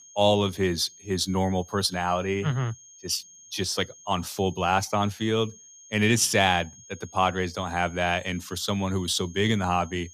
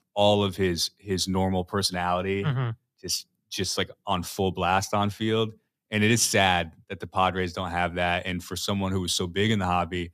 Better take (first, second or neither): second